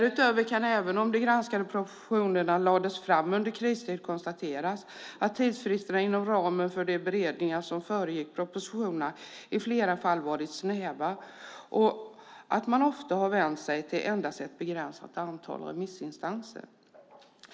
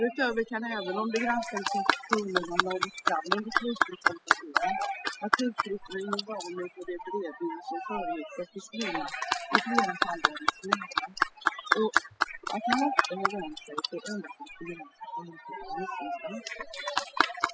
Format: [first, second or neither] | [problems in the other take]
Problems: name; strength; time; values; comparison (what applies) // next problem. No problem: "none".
first | noise reduction (classical method spectral subtraction)